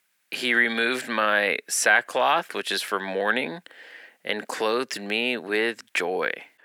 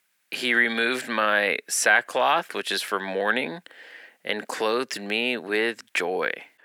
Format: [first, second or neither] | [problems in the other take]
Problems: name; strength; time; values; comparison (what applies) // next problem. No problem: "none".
neither | thin; very; fading below 400 Hz; the same in both